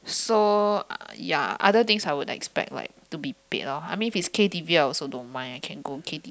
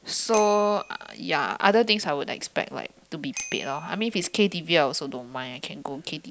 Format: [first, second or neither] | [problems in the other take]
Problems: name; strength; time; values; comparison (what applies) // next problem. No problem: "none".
first | background sound (Bicycle bell); 18 dB below the speech